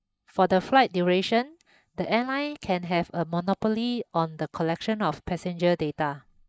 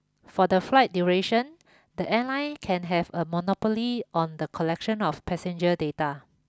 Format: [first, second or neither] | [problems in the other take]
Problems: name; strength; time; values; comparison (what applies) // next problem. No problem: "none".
second | noise reduction (neural mask model Resemble Enhance denoiser)